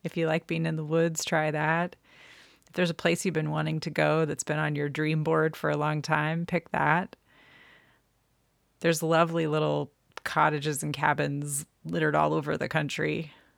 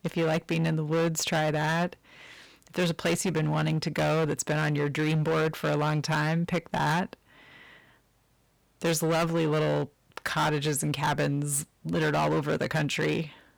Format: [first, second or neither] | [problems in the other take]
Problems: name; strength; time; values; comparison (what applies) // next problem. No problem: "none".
first | distortion; heavy; 15% of the sound clipped